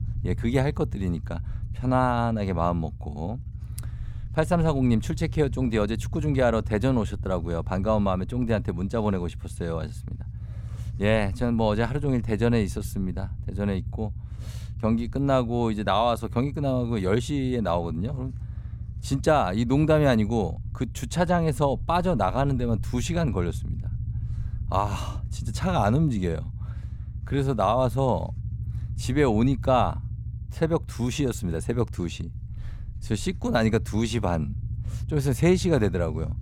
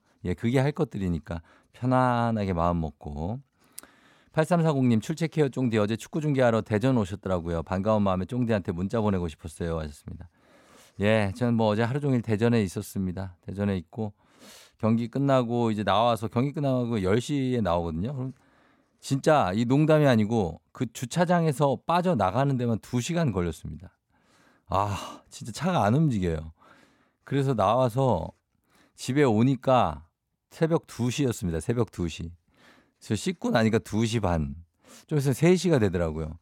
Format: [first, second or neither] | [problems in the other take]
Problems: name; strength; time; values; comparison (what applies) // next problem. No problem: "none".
second | low rumble; faint; throughout; 20 dB below the speech